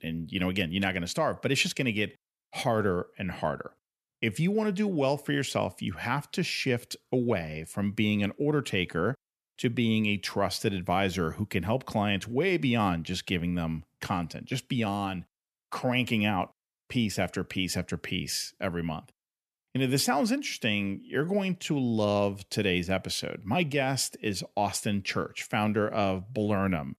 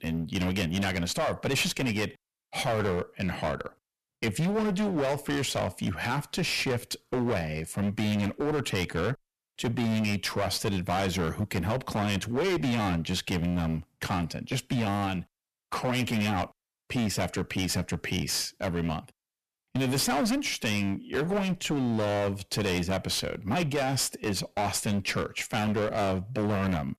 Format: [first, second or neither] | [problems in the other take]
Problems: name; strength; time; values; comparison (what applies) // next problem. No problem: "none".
first | distortion; heavy; 20% of the sound clipped